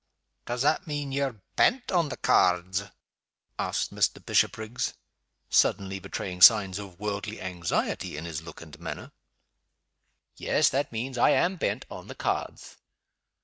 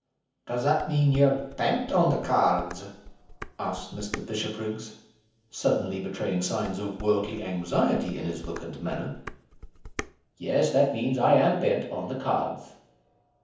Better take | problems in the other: first | background sound (Dishes, pots, and pans); 15 dB below the speech // room echo; dies away in 0.7 s

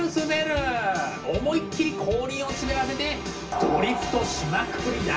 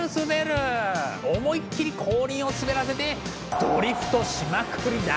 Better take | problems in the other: second | room echo; dies away in 0.2 s

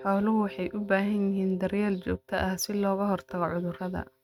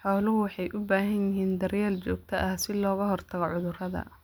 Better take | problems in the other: second | noise reduction (neural mask model RNNoise)

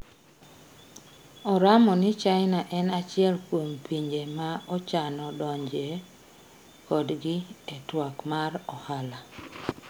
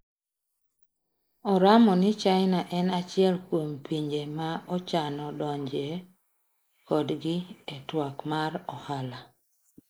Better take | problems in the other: first | noise reduction (neural mask model Resemble Enhance denoiser)

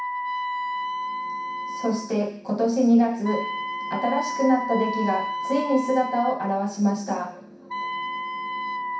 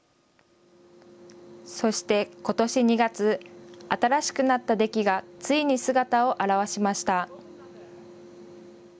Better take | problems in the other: second | background sound (Wind instrument, woodwind instrument); 6 dB below the speech // room echo; dies away in 0.6 s

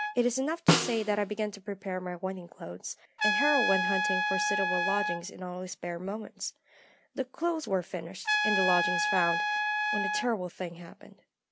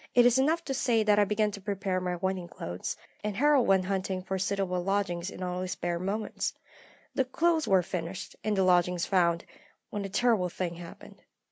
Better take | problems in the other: second | background sound (Trumpet + Snare drum); 1 dB above the speech

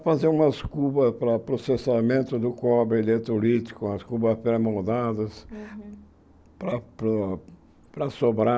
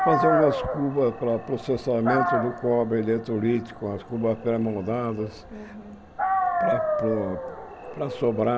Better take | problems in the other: first | background sound (Dog); 3 dB below the speech

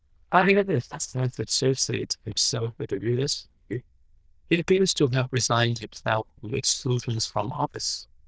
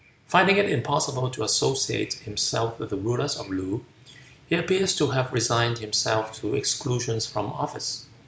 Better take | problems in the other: second | noise reduction (neural diffusion model UNIVERSE++)

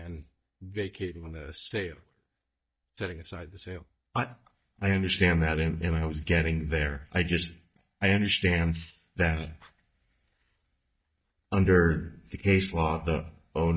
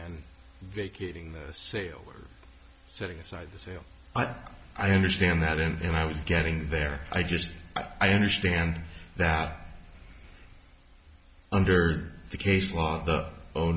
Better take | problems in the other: second | noise reduction (neural mask model DeepFilterNet 3)

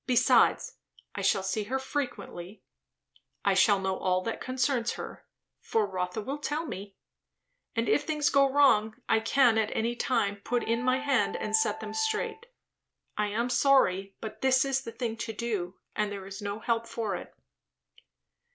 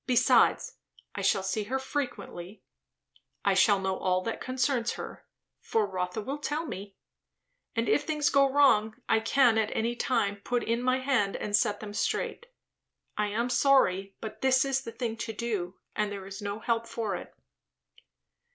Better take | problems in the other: second | background sound (Wind instrument, woodwind instrument); 14 dB below the speech

